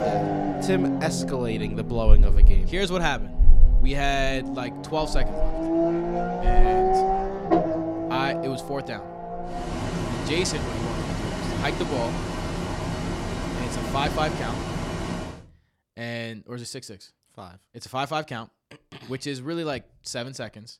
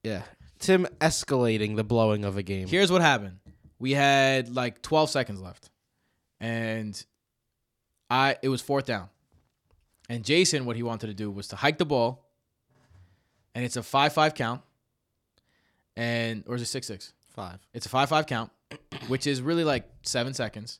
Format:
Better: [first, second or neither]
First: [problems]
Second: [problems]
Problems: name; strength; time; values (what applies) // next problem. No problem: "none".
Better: second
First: traffic noise; very loud; until 15 s; 3 dB above the speech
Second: none